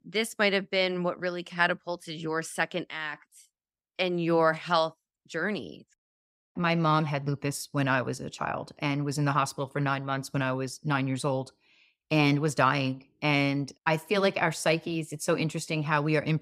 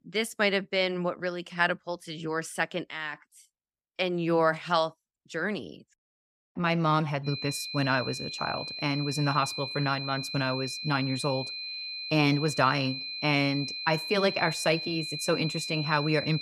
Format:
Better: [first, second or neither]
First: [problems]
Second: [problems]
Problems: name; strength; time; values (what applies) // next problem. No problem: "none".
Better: first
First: none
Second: high-pitched whine; loud; from 7.5 s on; 4 kHz, 6 dB below the speech